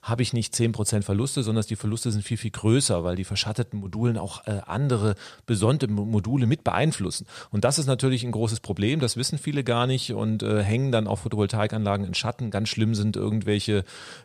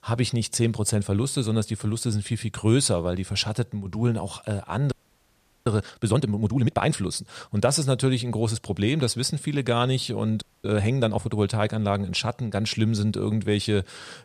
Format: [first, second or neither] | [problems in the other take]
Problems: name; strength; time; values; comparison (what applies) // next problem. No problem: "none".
first | audio freezing; at 5 s for 0.5 s and at 10 s